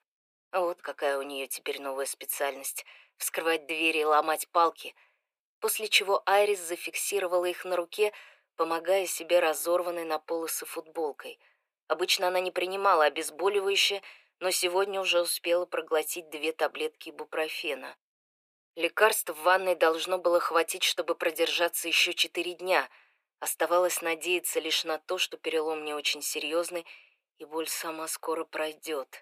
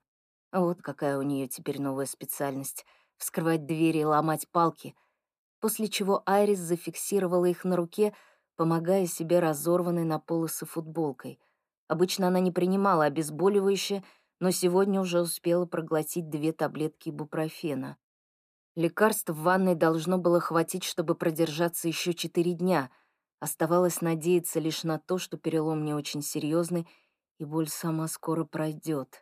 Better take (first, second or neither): second